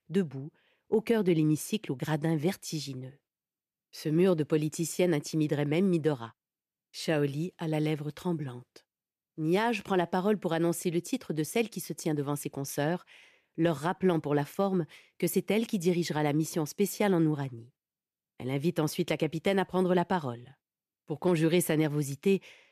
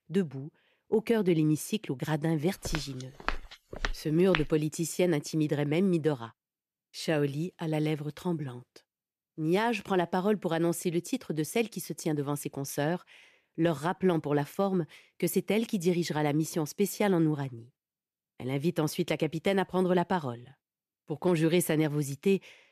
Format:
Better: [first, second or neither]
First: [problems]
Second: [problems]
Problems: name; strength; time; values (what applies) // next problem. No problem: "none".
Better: first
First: none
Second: footsteps; noticeable; from 2.5 to 4.5 s; peak 5 dB below the speech